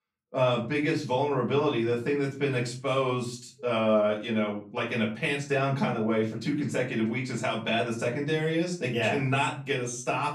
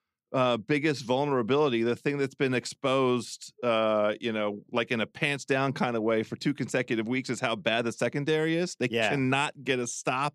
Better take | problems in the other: second | off-mic speech; far // room echo; slight; dies away in 0.3 s

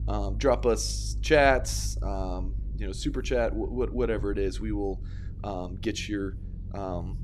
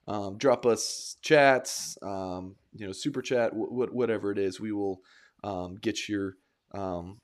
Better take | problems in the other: second | low rumble; faint; throughout; 25 dB below the speech

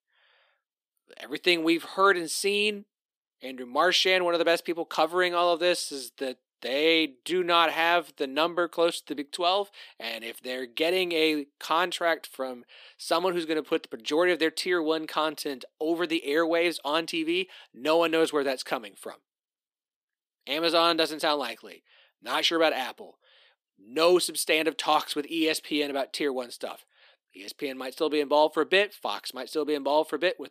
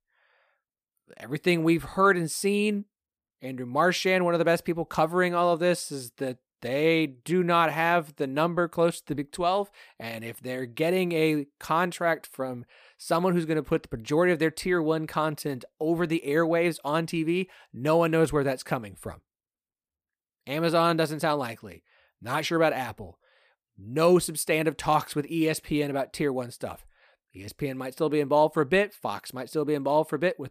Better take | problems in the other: second | thin; somewhat; fading below 250 Hz

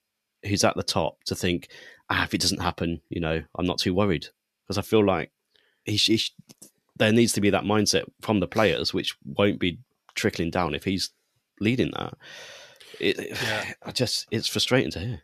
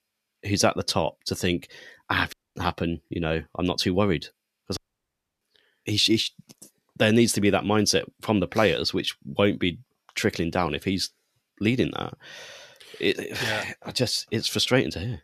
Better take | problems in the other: first | audio cutting out; at 2.5 s and at 5 s for 0.5 s

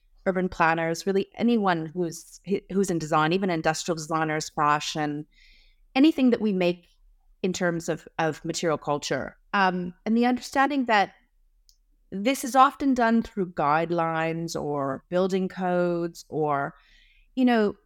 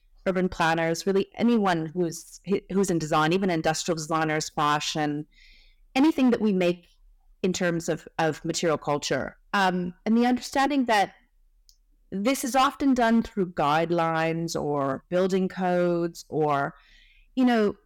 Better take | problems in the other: first | distortion; slight; 5% of the sound clipped

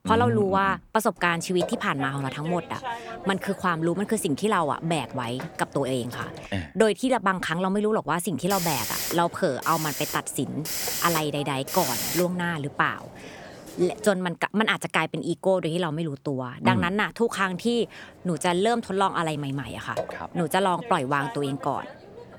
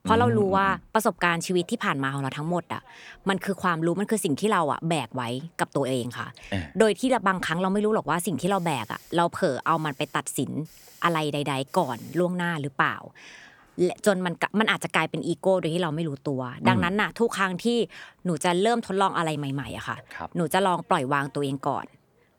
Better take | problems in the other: second | hiss; loud; from 1 to 6.5 s, from 8.5 to 14 s and from 17 s on; 7 dB below the speech; faint in the second

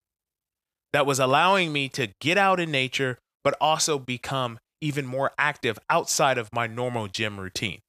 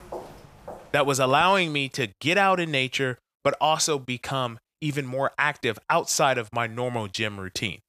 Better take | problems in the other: first | footsteps; faint; until 1.5 s; peak 15 dB below the speech

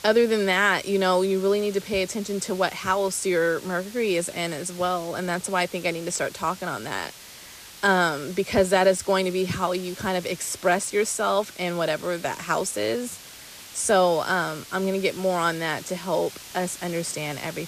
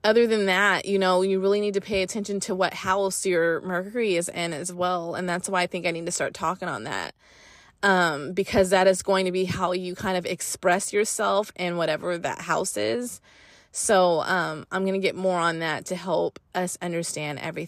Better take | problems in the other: second | hiss; noticeable; throughout; 15 dB below the speech

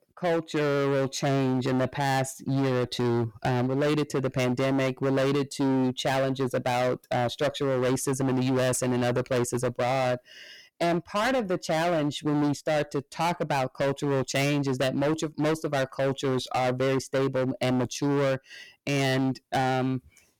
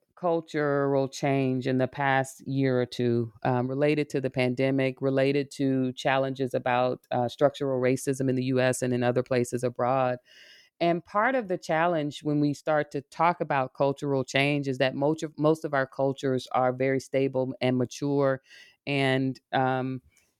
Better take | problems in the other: second | distortion; heavy; 26% of the sound clipped

